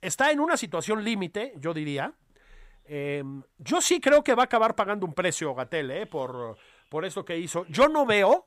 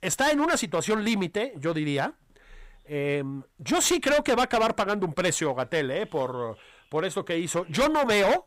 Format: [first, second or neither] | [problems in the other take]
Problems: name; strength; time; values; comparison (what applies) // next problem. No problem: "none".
first | distortion; heavy; 10% of the sound clipped